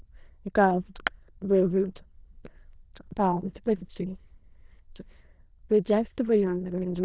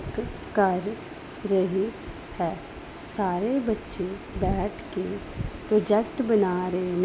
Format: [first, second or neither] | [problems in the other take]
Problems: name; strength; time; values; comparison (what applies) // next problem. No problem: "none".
second | noise reduction (neural diffusion model UNIVERSE++)